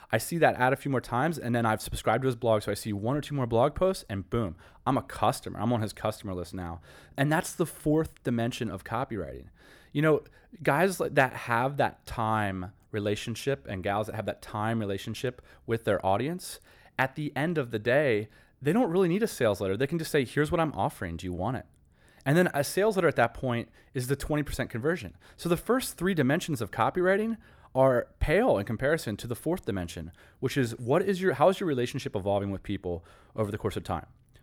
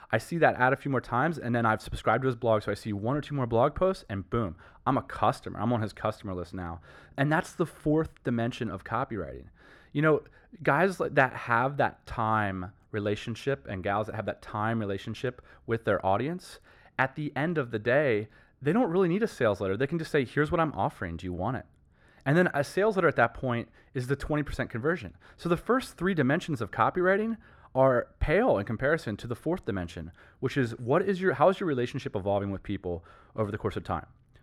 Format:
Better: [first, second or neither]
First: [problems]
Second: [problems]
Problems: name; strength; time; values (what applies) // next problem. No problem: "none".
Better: first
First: none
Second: muffled; very slightly; fading above 1.5 kHz